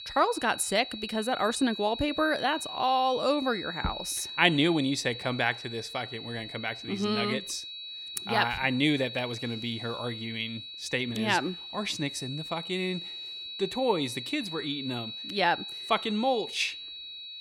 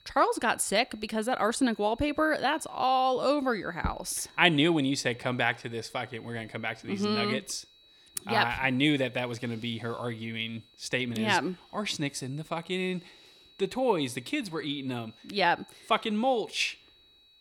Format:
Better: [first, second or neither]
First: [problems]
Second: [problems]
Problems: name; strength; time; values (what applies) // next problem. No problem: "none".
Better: second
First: high-pitched whine; loud; throughout; 4 kHz, 8 dB below the speech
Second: high-pitched whine; faint; throughout; 4 kHz, 25 dB below the speech